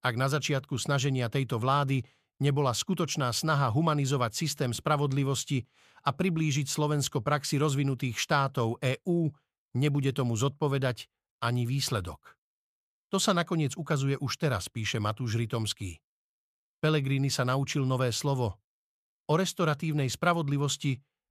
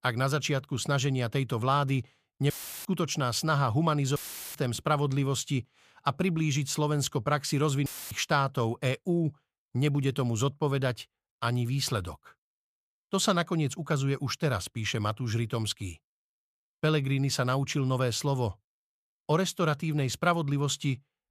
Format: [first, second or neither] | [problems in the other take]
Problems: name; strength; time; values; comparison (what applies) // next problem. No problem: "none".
first | audio cutting out; filled with static; at 2.5 s, at 4 s and at 8 s